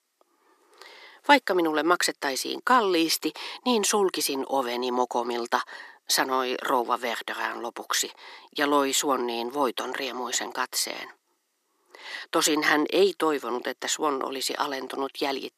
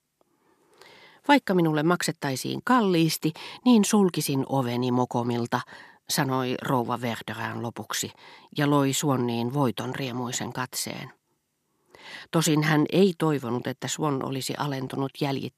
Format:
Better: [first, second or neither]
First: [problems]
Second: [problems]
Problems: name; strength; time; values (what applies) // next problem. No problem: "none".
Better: second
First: thin; somewhat; fading below 350 Hz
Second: none